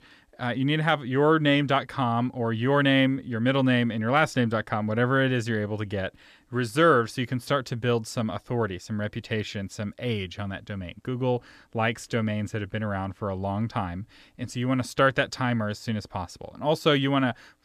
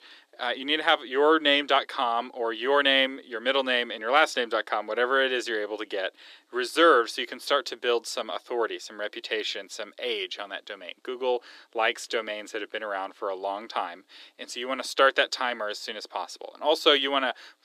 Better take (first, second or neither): first